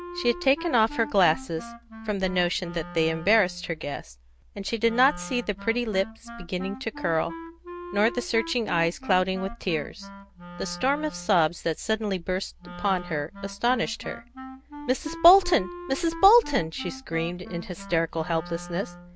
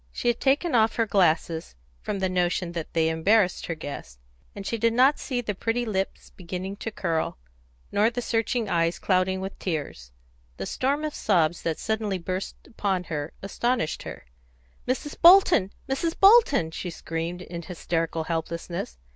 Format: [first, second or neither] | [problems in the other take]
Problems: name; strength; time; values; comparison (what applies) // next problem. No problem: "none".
second | background sound (Wind instrument, woodwind instrument); 14 dB below the speech